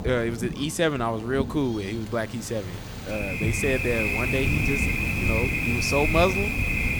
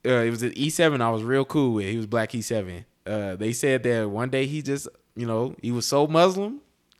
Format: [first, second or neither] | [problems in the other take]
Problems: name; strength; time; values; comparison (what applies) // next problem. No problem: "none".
second | rain or running water; very loud; throughout; 2 dB above the speech